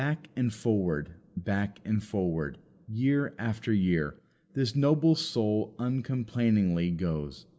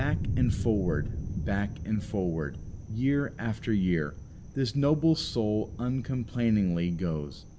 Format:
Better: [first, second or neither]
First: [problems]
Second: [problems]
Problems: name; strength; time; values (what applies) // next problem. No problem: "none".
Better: first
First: none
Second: background sound (Thunder); 7 dB below the speech